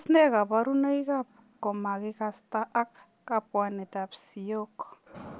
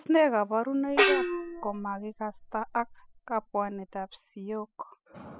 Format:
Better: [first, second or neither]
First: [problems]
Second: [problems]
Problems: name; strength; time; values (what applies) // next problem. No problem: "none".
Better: first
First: none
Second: noise reduction (classical method spectral subtraction)